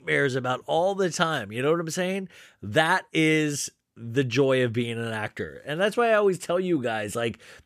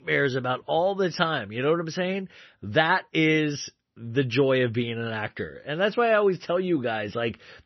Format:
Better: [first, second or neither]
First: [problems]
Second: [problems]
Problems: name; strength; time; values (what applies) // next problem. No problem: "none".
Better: first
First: none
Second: garbled, watery; slightly; nothing above 6 kHz